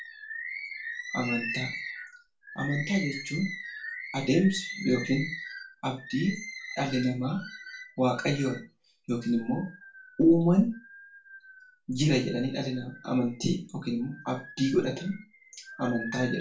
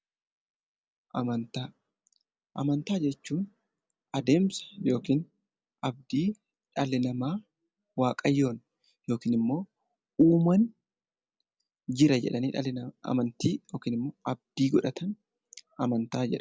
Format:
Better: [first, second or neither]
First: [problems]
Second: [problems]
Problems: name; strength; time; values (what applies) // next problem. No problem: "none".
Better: second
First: background sound (Bird); 12 dB below the speech // room echo; dies away in 0.3 s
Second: none